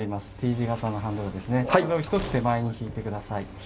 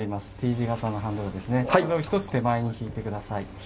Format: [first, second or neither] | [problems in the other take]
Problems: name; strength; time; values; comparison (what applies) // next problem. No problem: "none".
second | background sound (Slam); 14 dB below the speech